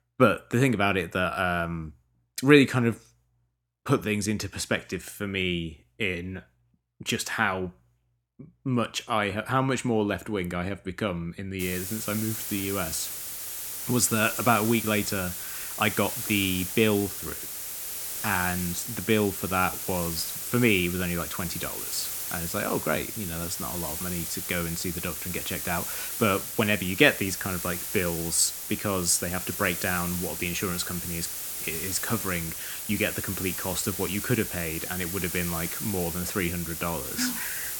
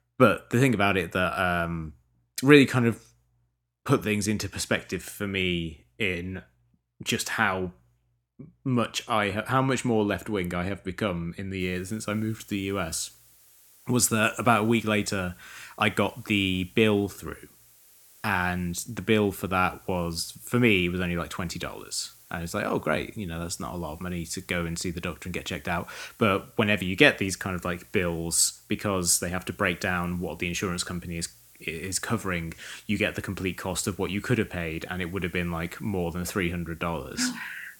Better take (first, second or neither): second